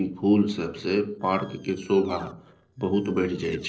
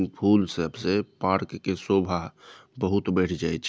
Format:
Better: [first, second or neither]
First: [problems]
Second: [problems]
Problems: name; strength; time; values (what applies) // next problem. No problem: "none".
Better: second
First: noise reduction (neural separator model SepFormer DNS4)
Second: none